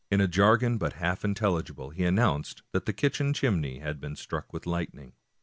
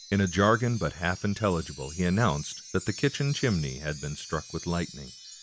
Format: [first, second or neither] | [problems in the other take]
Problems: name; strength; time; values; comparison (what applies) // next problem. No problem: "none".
first | background sound (Wind chime); 16 dB below the speech